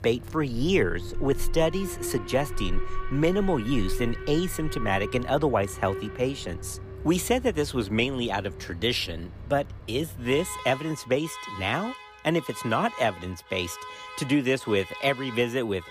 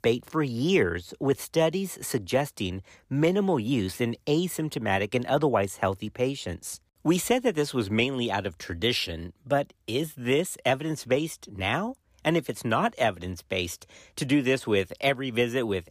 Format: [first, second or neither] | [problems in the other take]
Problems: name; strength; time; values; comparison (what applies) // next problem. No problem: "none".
second | alarms or sirens; noticeable; throughout; 10 dB below the speech